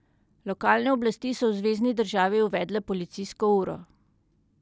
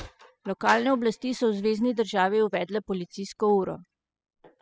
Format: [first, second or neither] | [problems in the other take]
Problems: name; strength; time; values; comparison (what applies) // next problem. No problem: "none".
first | noise reduction (classical method spectral subtraction)